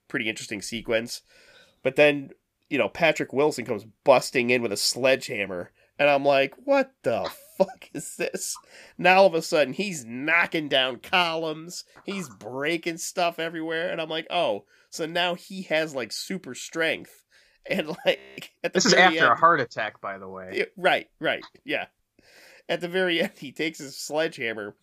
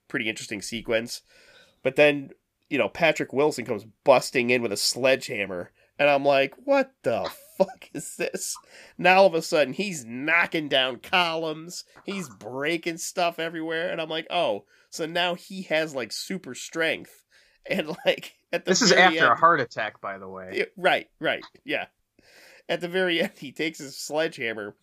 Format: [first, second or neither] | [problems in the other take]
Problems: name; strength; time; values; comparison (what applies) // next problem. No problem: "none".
second | audio freezing; at 18 s